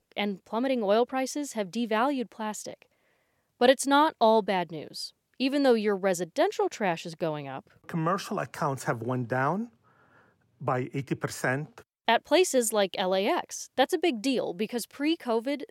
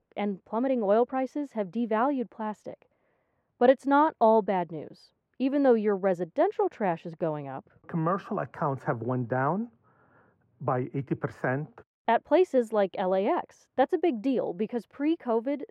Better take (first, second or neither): first